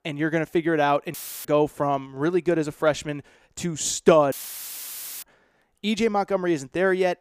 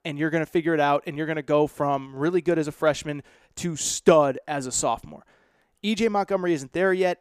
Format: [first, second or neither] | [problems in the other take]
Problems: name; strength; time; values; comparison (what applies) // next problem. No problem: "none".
second | audio cutting out; filled with static; at 1 s and at 4.5 s for 1 s